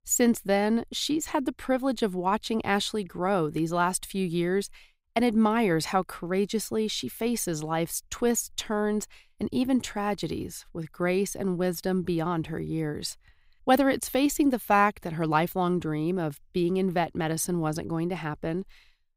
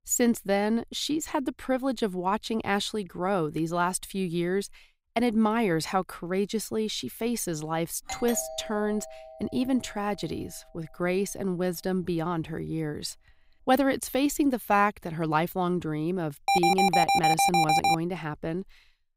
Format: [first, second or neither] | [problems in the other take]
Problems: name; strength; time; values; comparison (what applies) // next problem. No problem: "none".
first | doorbell; noticeable; from 8 to 11 s; peak 8 dB below the speech // alarm; loud; from 16 to 18 s; peak 6 dB above the speech